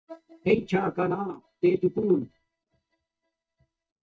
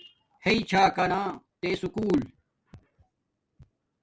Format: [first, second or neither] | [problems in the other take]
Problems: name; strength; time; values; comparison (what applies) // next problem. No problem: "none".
second | noise reduction (neural mask model DeepFilterNet 3)